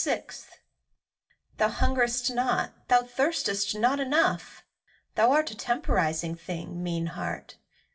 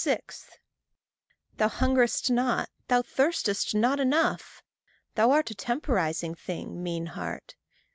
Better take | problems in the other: second | room echo; dies away in 0.2 s

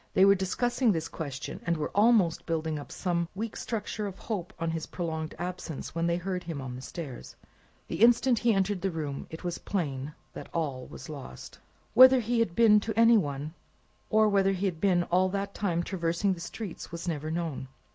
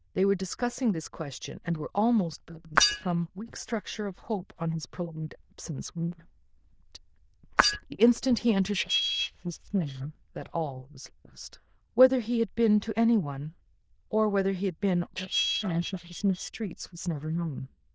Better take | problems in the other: first | noise reduction (neural diffusion model UNIVERSE++)

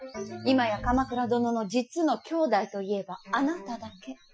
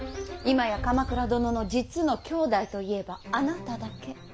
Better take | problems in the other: second | noise reduction (classical method Wiener filter)

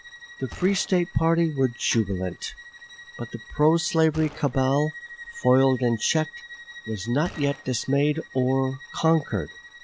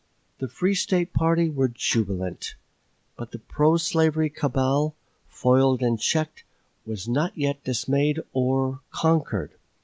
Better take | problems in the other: second | background sound (Bowed string instrument + Gunshot, gunfire); 18 dB below the speech

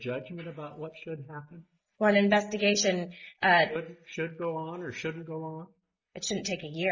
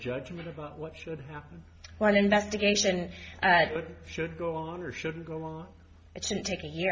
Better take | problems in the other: second | noise reduction (neural mask model Resemble Enhance denoiser)

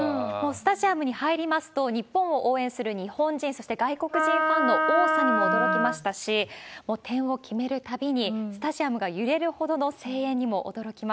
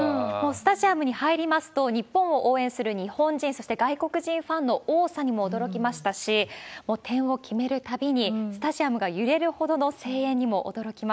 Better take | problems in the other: second | background sound (Wind instrument, woodwind instrument); 3 dB above the speech

